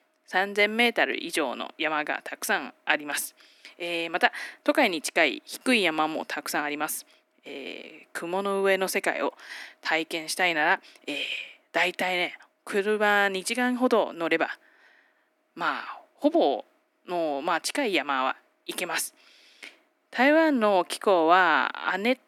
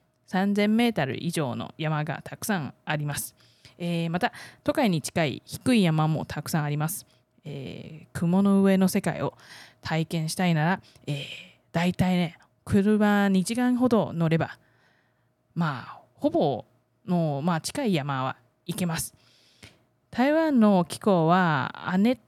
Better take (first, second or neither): second